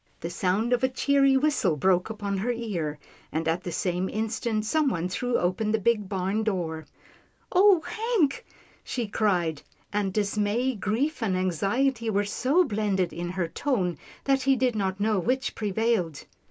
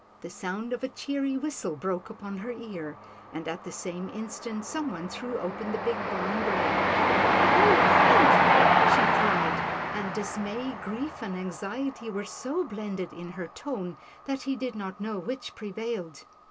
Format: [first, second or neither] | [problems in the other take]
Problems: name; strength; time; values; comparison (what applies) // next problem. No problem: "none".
first | background sound (Train); 5 dB above the speech